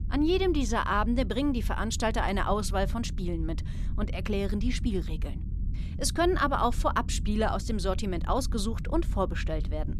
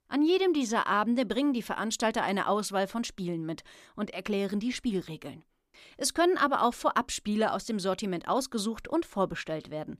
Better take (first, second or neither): second